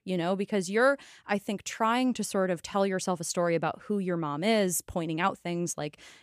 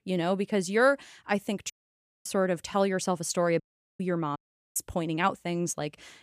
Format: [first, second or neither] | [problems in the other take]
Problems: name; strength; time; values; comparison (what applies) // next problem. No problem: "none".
first | audio cutting out; at 1.5 s for 0.5 s, at 3.5 s and at 4.5 s